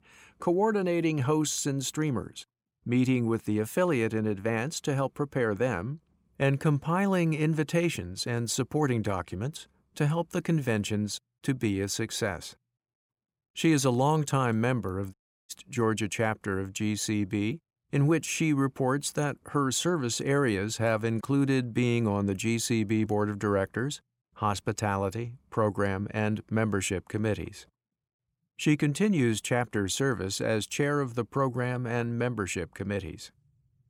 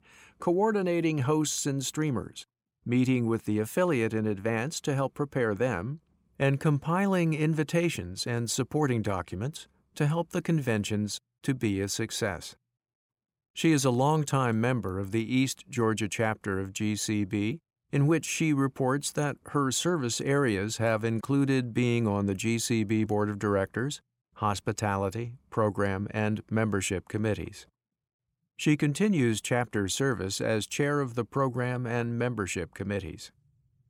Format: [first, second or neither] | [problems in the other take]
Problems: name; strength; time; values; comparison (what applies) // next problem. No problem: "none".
second | audio cutting out; at 15 s